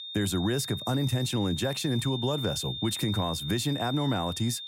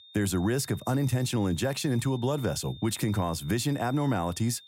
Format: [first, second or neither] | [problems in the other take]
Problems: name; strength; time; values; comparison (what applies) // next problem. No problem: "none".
second | high-pitched whine; loud; throughout; 3.5 kHz, 6 dB below the speech; faint in the second